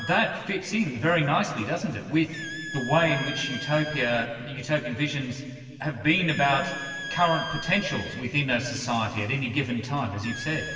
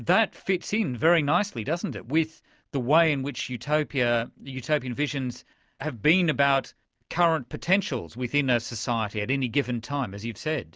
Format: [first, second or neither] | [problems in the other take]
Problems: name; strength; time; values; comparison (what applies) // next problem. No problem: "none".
second | background sound (Squeak); 12 dB below the speech // room echo; dies away in 2.6 s